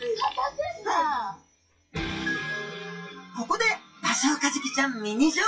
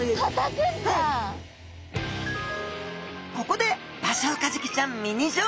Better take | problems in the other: second | noise reduction (classical method WPE with log-MMSE)

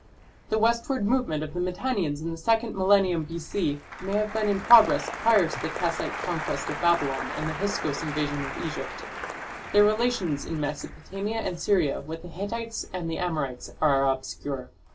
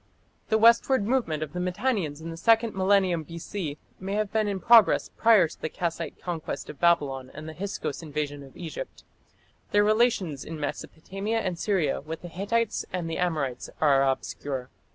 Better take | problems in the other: second | background sound (Applause); 11 dB below the speech // room echo; dies away in 0.2 s

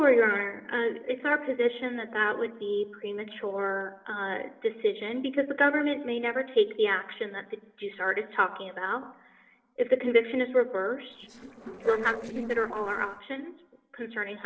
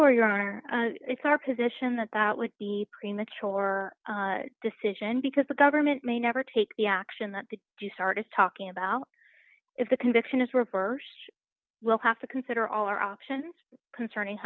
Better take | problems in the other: second | noise reduction (neural separator model SepFormer DNS4)

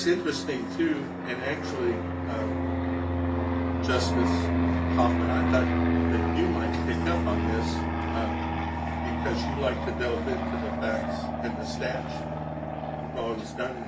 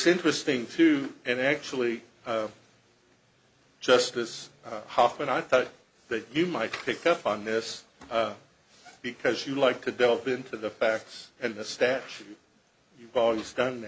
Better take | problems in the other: second | background sound (Fixed-wing aircraft, airplane); 5 dB above the speech // room echo; dies away in 0.2 s

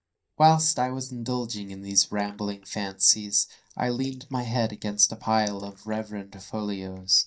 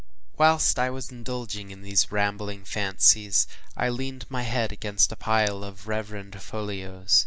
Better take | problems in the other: second | noise reduction (neural mask model DeepFilterNet 3)

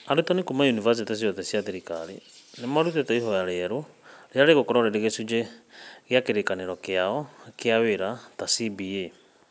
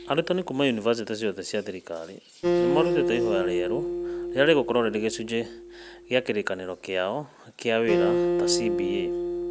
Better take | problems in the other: first | background sound (Acoustic guitar); 1 dB below the speech

